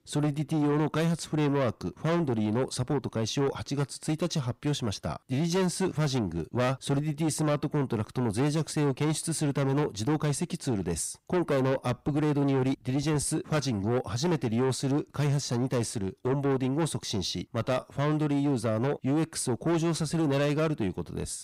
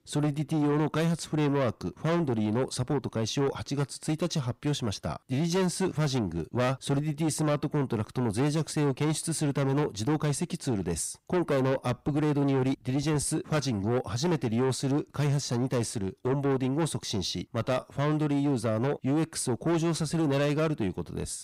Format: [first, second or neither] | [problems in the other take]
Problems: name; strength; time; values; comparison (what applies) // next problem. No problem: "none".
neither | distortion; heavy; 8 dB below the speech; the same in both